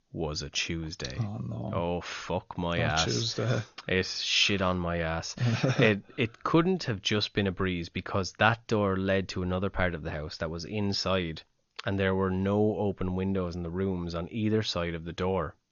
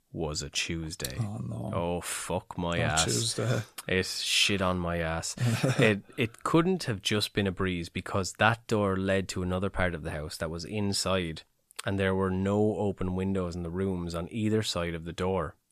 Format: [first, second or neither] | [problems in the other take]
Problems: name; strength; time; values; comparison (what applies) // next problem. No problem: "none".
second | garbled, watery; slightly; nothing above 6.5 kHz